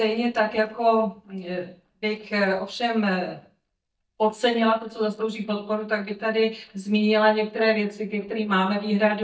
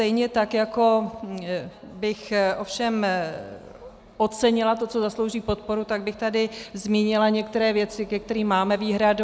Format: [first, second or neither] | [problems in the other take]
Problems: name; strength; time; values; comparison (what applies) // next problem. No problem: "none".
second | noise reduction (neural mask model DeepFilterNet 3)